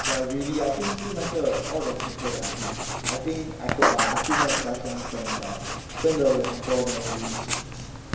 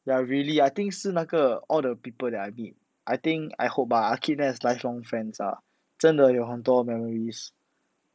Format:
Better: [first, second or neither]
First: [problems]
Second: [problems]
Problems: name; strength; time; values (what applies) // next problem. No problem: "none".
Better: second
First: background sound (Writing); 1 dB below the speech // room echo; dies away in 1 s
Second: none